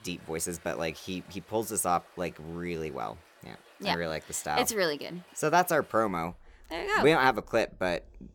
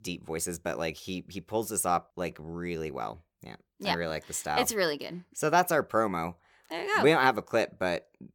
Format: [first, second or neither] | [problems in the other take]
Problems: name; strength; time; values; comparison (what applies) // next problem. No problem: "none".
second | rain or running water; faint; throughout; 25 dB below the speech